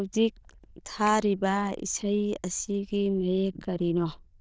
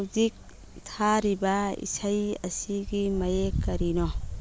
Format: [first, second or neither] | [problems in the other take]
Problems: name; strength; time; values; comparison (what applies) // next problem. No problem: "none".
second | noise reduction (neural diffusion model UNIVERSE++)